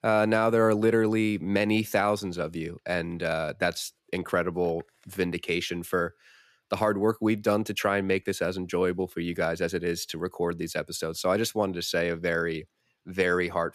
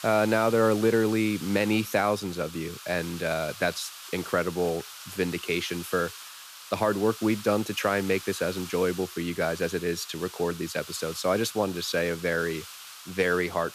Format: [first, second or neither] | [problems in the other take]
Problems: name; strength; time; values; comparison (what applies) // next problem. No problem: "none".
first | hiss; noticeable; throughout; 15 dB below the speech